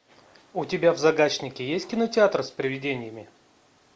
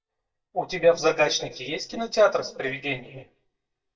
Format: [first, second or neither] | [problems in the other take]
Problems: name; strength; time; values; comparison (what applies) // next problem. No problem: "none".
first | noise reduction (neural mask model DeepFilterNet 3)